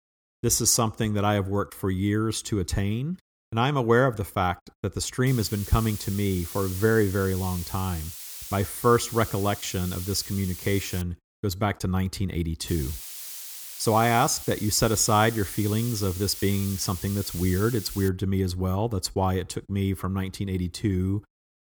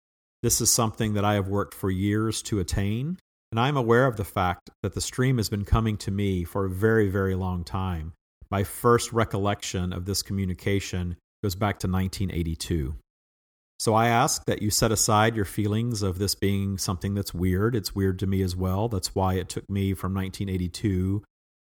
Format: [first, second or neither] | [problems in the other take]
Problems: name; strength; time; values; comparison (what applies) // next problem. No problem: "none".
second | hiss; noticeable; from 5.5 to 11 s and from 13 to 18 s; 10 dB below the speech